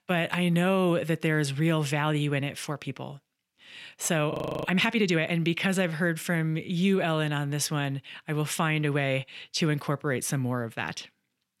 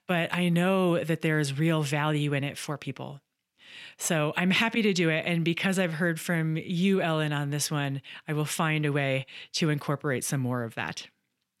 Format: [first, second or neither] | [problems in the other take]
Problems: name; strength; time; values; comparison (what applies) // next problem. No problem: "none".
second | audio freezing; at 4.5 s